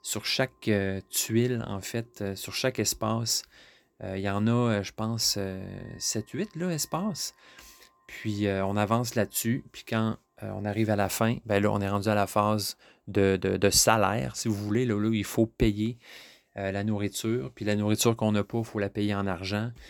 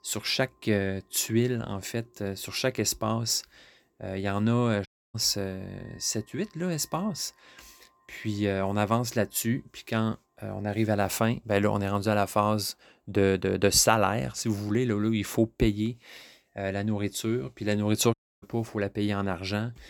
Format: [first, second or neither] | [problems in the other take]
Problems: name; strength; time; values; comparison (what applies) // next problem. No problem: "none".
first | audio cutting out; at 5 s and at 18 s